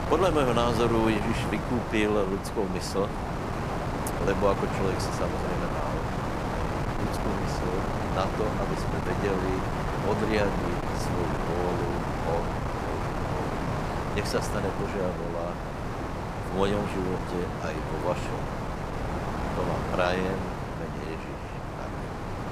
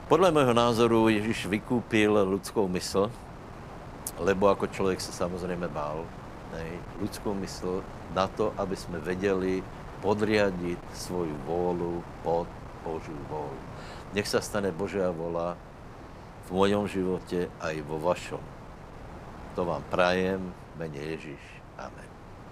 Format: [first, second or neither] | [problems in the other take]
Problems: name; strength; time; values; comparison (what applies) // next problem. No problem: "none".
second | wind noise on the microphone; heavy; 1 dB below the speech; occasional gusts in the second